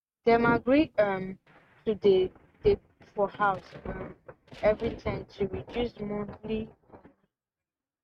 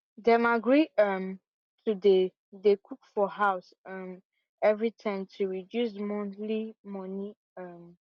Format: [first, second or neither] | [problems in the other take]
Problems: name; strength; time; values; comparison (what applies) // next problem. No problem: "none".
second | noise reduction (neural mask model RNNoise)